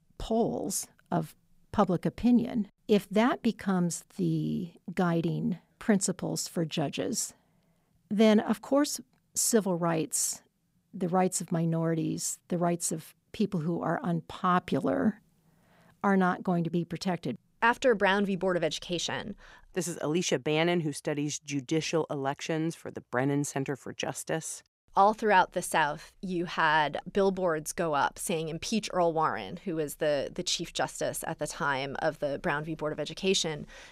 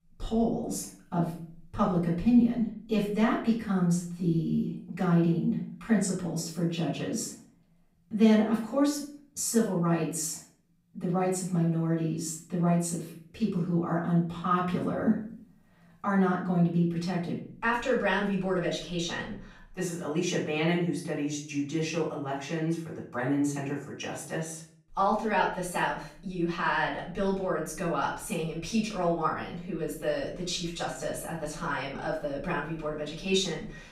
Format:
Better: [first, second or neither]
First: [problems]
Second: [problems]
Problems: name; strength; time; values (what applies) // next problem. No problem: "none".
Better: first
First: none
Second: off-mic speech; far // room echo; noticeable; dies away in 0.5 s